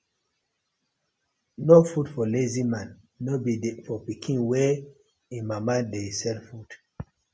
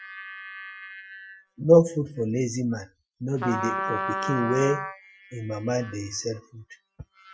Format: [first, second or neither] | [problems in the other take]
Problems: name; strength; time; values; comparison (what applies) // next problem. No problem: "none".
first | noise reduction (classical method Wiener filter)